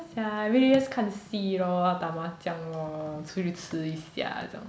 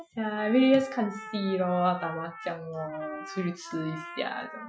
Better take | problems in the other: first | noise reduction (classical method Wiener filter)

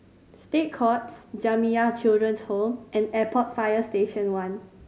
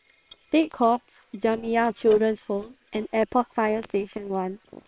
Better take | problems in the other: first | noise reduction (neural separator model SepFormer WHAM!)

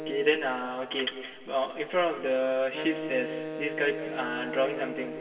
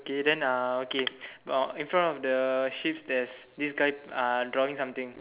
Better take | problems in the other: second | background sound (Wind instrument, woodwind instrument); 9 dB below the speech // room echo; dies away in 2 s

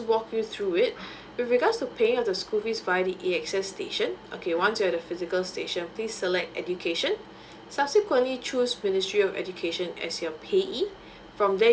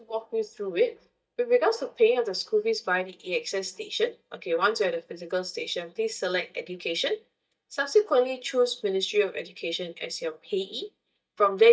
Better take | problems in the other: first | noise reduction (neural mask model DeepFilterNet 3)

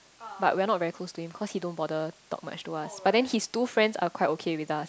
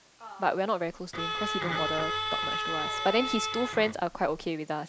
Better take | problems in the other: first | background sound (Bowed string instrument); 2 dB below the speech

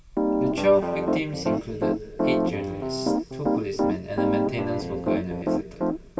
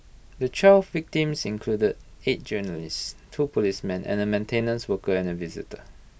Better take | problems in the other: second | background sound (Piano); 3 dB above the speech // room echo; dies away in 2.6 s

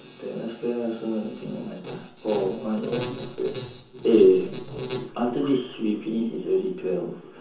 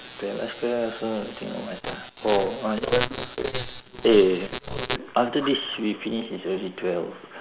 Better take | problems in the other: second | room echo; dies away in 0.6 s

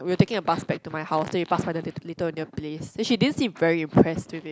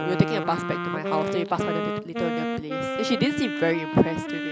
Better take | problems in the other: first | background sound (Wind instrument, woodwind instrument); 2 dB below the speech

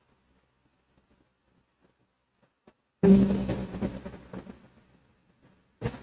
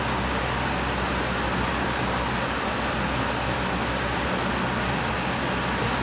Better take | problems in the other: second | noise reduction (neural mask model RNNoise)

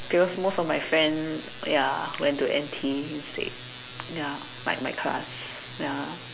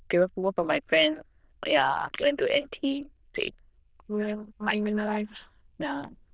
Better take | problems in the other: first | noise reduction (neural diffusion model UNIVERSE++)

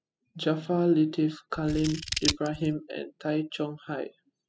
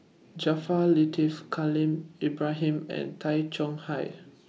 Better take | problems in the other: second | noise reduction (classical method spectral subtraction)

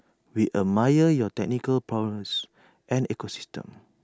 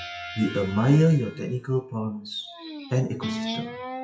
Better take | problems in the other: first | noise reduction (classical method WPE with log-MMSE)

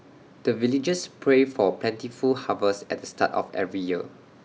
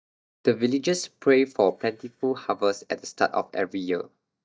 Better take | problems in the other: first | noise reduction (neural mask model DeepFilterNet 3)

